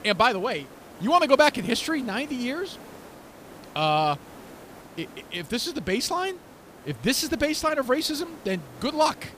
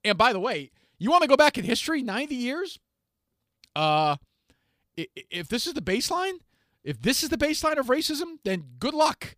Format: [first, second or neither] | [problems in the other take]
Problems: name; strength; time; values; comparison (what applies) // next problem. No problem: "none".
second | hiss; faint; throughout; 20 dB below the speech